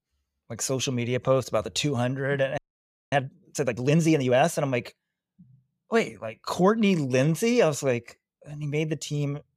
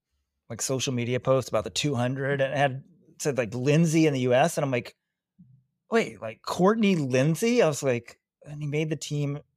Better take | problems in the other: second | audio freezing; at 2.5 s for 0.5 s

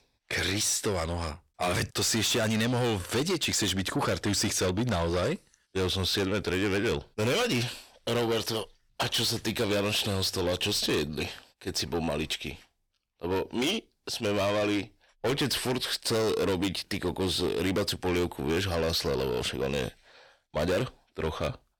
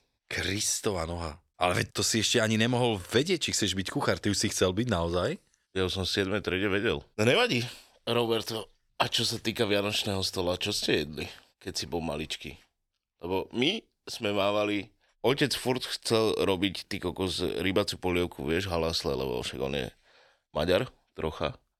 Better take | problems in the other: second | distortion; heavy; 7 dB below the speech

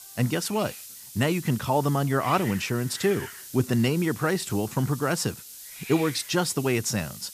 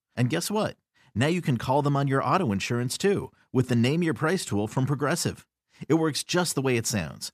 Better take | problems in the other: second | hiss; noticeable; throughout; 15 dB below the speech

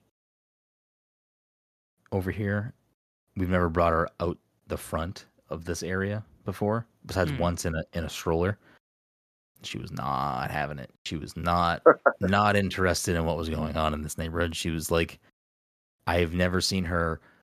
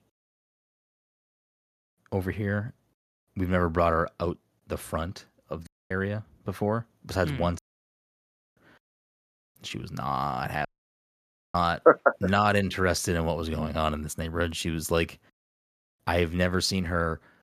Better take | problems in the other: first | audio cutting out; at 5.5 s, at 7.5 s for 1 s and at 11 s for 1 s

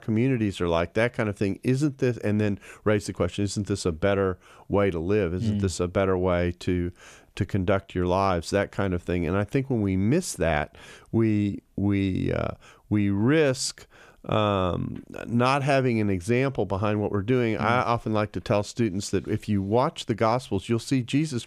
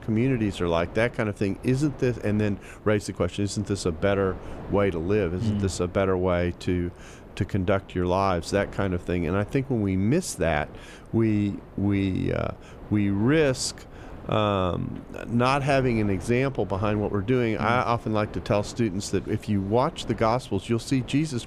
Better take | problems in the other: first | wind noise on the microphone; occasional gusts; 20 dB below the speech

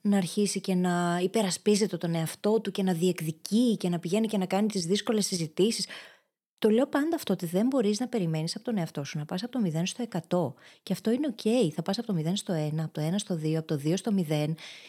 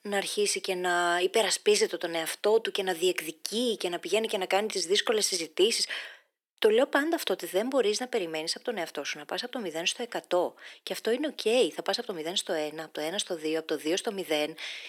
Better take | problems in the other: first | thin; very; fading below 350 Hz

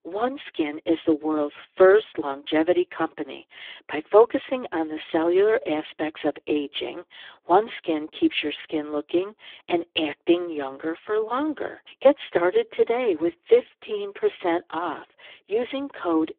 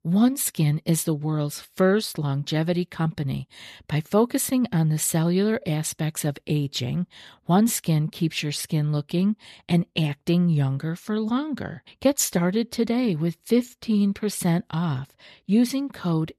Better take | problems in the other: second | phone-call audio; poor line; nothing above 3.5 kHz

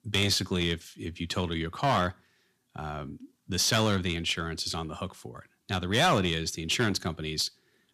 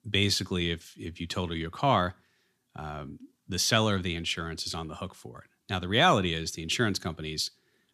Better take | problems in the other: second | distortion; slight; 3% of the sound clipped

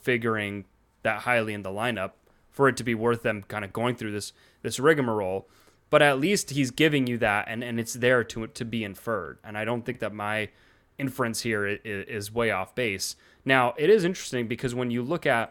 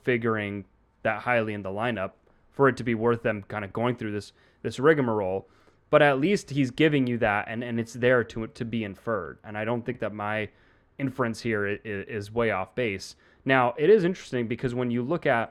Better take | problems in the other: first | muffled; slightly; fading above 2 kHz

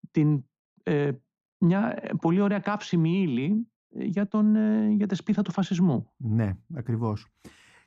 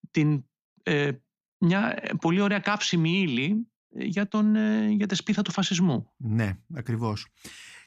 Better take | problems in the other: second | muffled; slightly; fading above 1.5 kHz

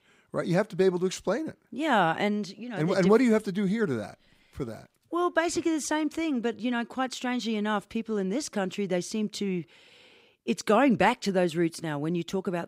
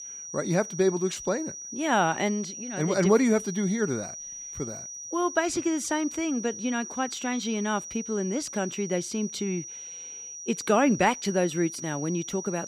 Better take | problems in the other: first | high-pitched whine; loud; throughout; 6 kHz, 9 dB below the speech

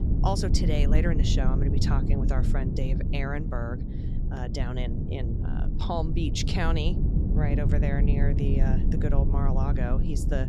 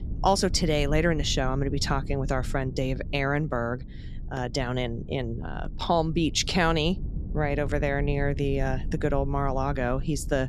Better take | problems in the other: second | low rumble; loud; throughout; 4 dB below the speech; faint in the second

